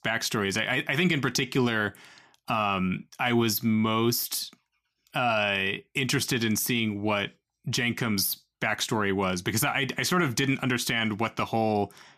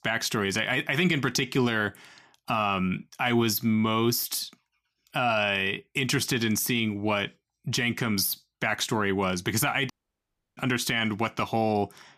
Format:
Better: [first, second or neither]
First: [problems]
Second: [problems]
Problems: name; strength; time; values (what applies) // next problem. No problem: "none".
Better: first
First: none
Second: audio cutting out; at 10 s for 0.5 s